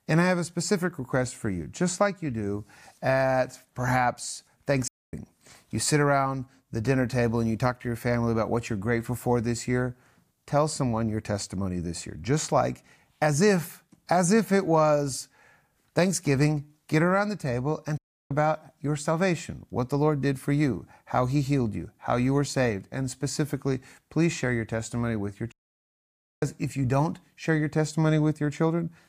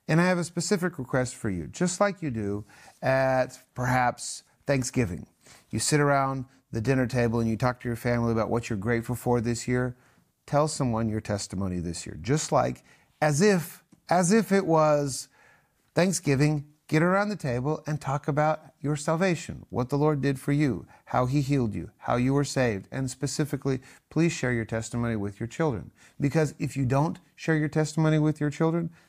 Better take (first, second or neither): second